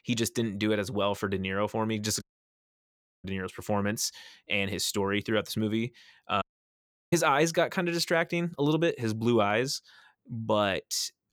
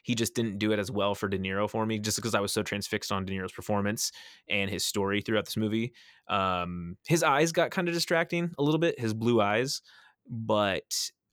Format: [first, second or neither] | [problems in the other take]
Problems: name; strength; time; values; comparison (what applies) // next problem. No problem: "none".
second | audio cutting out; at 2 s for 1 s and at 6.5 s for 0.5 s